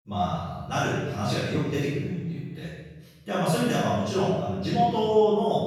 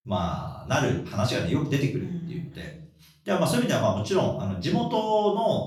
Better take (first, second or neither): second